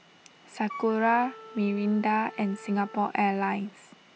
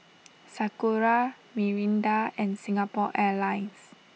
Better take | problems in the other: second | background sound (Wind instrument, woodwind instrument); 17 dB below the speech

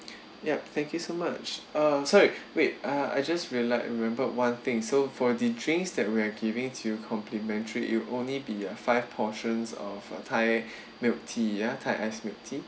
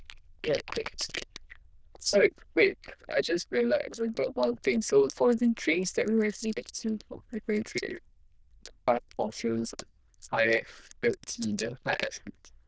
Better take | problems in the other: first | noise reduction (neural diffusion model UNIVERSE++)

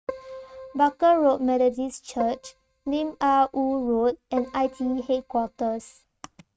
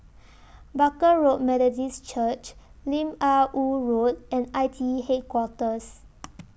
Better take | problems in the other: second | noise reduction (neural mask model RNNoise)

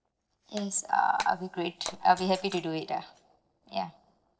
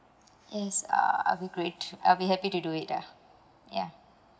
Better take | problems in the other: second | noise reduction (neural separator model SepFormer DNS4)

